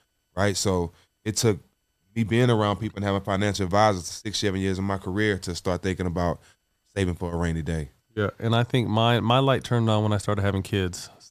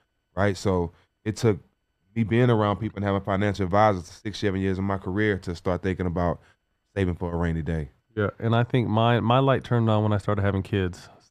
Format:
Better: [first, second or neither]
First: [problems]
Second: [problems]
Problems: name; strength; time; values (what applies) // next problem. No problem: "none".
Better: first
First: none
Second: muffled; slightly; fading above 3.5 kHz